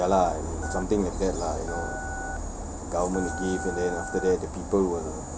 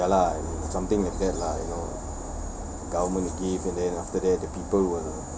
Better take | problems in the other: second | background sound (Telephone); 12 dB below the speech

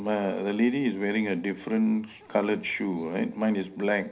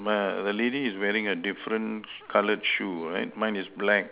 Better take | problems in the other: second | room echo; dies away in 0.5 s

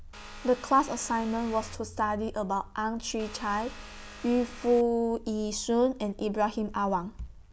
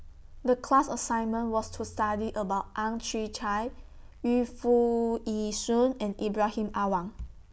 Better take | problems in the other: second | background sound (Vehicle); 17 dB below the speech

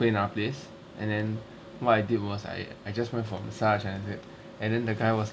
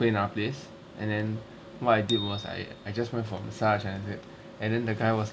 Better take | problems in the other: first | background sound (Bicycle bell); 13 dB below the speech

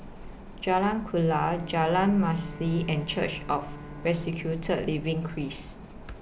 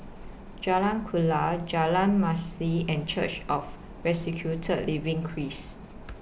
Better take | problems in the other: second | background sound (Bowed string instrument); 18 dB below the speech

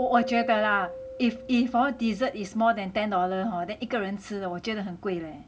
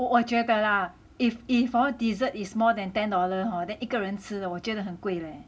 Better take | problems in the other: second | background sound (Keyboard (musical)); 14 dB below the speech

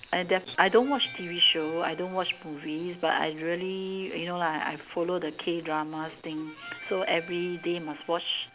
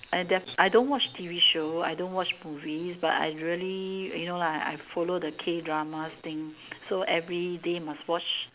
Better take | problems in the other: second | background sound (Harmonica); 19 dB below the speech

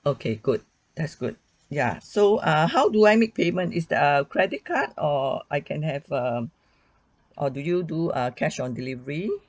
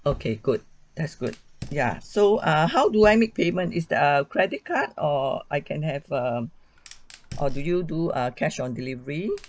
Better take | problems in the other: first | background sound (Fire + Tap / Bass drum); 15 dB below the speech

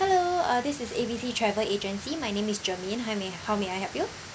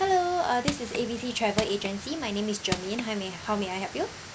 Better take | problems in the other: first | background sound (Crushing); 8 dB below the speech

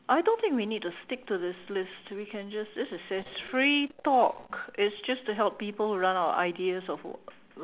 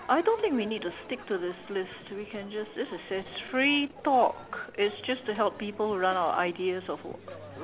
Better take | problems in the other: first | background sound (Crowd); 17 dB below the speech

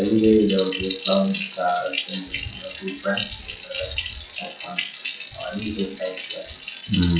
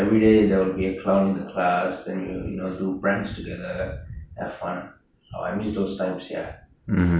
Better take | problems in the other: second | noise reduction (classical method log-MMSE)

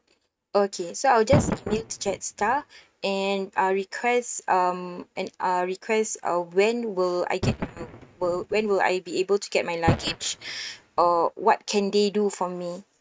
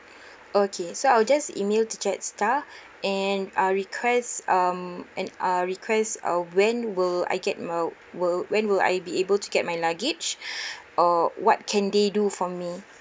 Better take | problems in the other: second | noise reduction (neural mask model RNNoise)

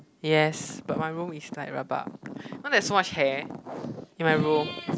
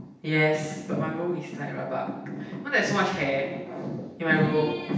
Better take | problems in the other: first | room echo; dies away in 0.9 s

